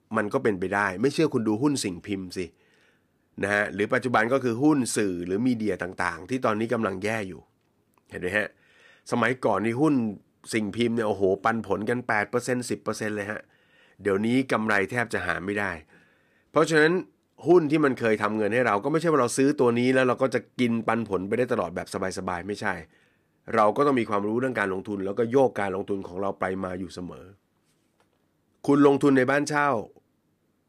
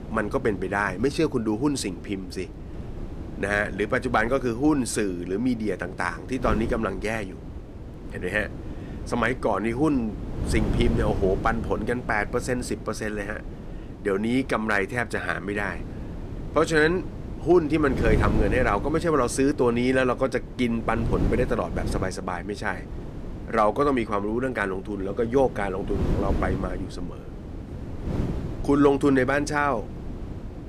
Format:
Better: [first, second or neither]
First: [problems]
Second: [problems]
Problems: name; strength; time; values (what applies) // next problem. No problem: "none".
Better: first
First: none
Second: wind noise on the microphone; occasional gusts; 15 dB below the speech